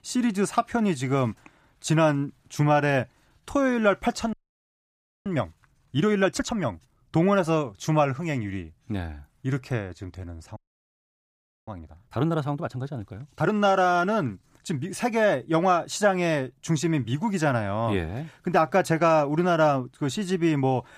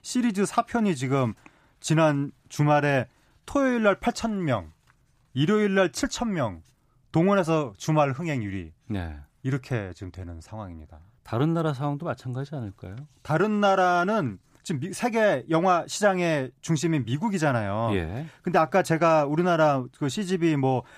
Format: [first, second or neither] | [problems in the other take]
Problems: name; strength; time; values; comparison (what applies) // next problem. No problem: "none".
second | audio freezing; at 4.5 s for 1 s and at 11 s for 1 s